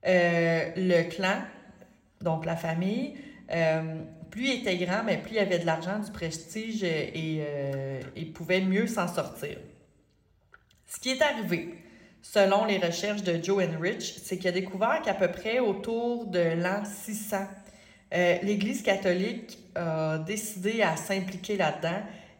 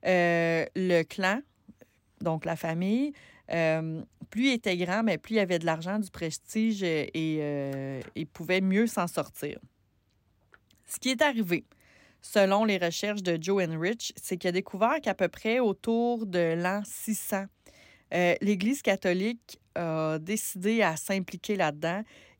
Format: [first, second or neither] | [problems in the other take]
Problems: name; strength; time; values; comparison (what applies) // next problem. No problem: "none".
second | room echo; very slight; dies away in 0.8 s